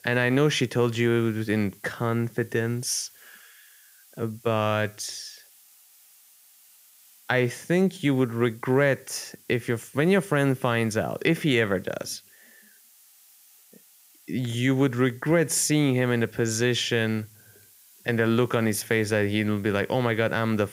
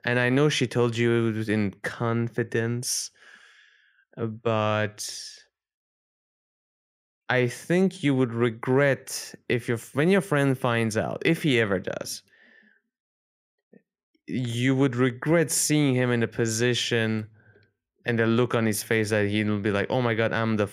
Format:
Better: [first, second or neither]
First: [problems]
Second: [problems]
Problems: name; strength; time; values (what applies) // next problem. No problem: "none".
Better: second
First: hiss; faint; throughout; 25 dB below the speech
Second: none